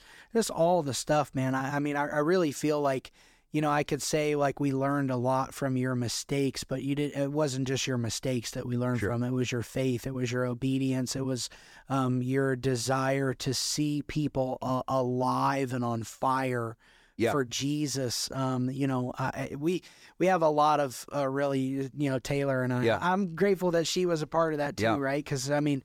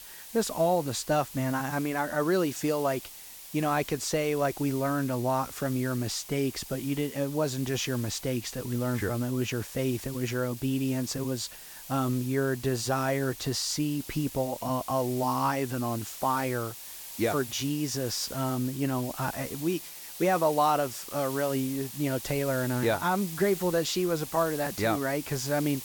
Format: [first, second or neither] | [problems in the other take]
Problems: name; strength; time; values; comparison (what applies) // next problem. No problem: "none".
first | hiss; noticeable; throughout; 10 dB below the speech